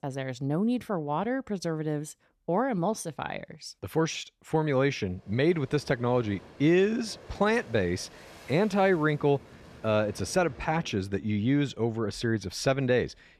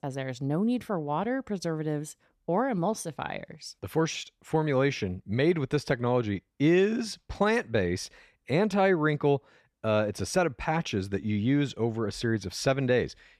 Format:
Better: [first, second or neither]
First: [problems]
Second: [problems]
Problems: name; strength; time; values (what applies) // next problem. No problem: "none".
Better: second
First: train or aircraft noise; faint; from 5.5 s on; 20 dB below the speech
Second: none